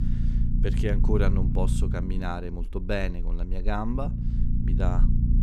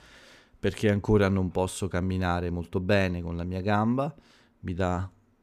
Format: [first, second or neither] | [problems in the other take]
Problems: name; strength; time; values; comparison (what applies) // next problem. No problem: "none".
second | low rumble; loud; throughout; 6 dB below the speech